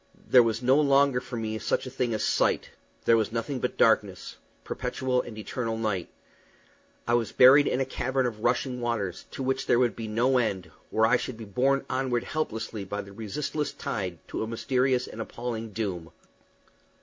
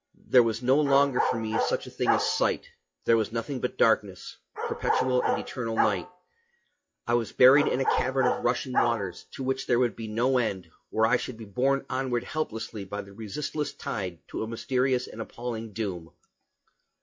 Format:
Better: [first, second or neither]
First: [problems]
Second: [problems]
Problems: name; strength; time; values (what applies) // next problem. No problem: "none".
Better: first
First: none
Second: noise reduction (classical method log-MMSE)